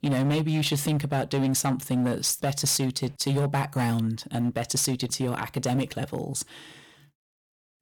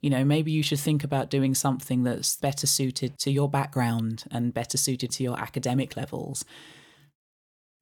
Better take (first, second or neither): second